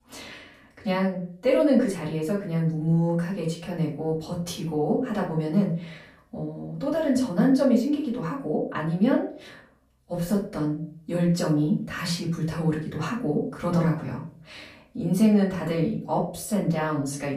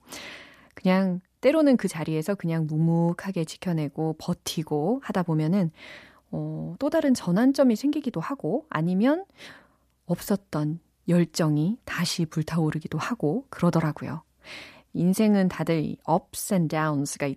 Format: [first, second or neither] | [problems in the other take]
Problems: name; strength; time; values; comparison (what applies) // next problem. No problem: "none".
second | off-mic speech; far // room echo; slight; dies away in 0.4 s